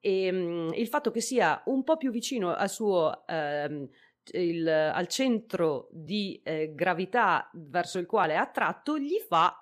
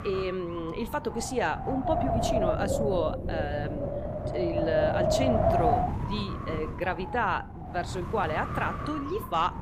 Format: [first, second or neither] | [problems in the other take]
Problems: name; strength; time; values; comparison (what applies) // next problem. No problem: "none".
first | wind noise on the microphone; heavy; 1 dB above the speech